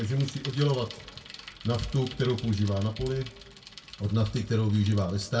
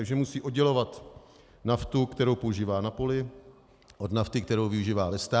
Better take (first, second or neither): second